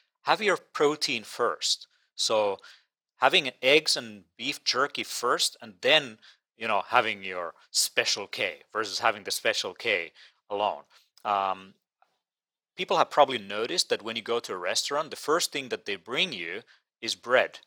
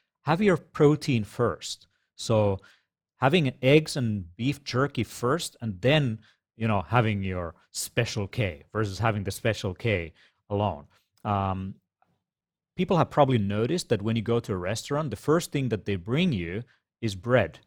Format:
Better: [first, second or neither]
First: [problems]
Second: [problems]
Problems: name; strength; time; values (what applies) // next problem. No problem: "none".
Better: second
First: thin; very; fading below 600 Hz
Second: none